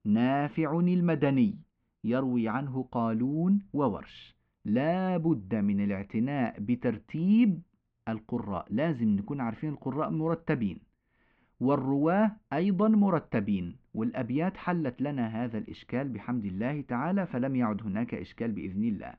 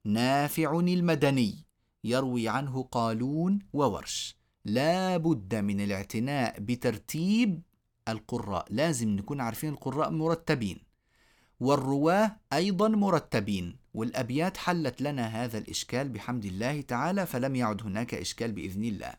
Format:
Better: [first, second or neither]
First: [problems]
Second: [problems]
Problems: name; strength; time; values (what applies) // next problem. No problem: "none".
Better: second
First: muffled; very; fading above 2.5 kHz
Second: none